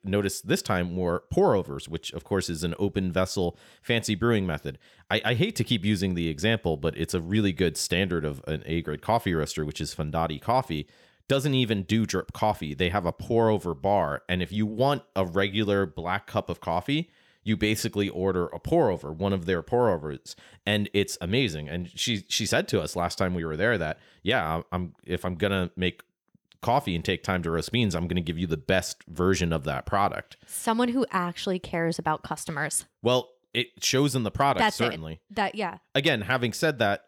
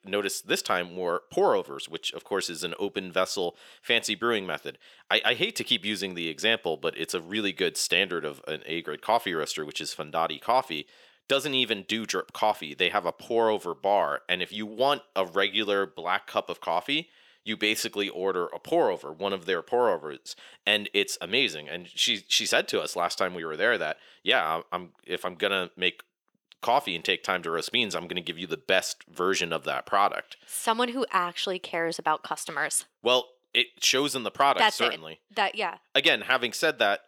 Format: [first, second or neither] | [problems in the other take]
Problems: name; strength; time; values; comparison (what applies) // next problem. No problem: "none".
first | thin; somewhat; fading below 400 Hz